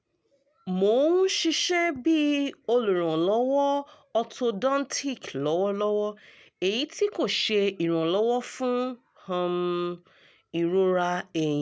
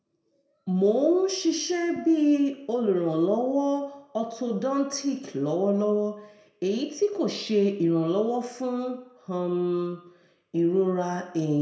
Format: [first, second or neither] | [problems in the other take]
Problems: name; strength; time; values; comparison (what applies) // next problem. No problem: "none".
first | room echo; dies away in 0.6 s